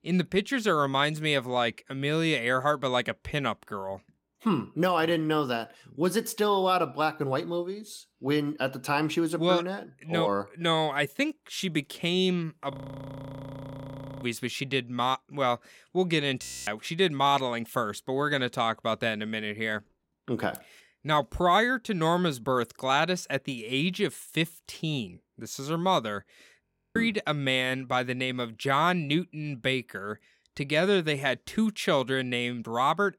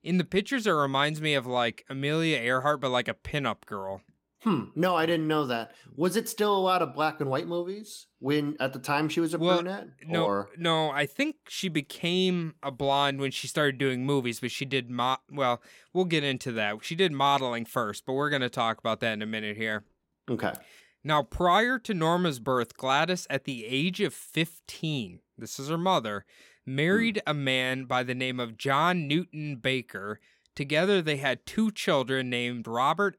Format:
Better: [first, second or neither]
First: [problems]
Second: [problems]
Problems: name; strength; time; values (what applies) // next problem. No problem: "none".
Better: second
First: audio freezing; at 13 s for 1.5 s, at 16 s and at 27 s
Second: none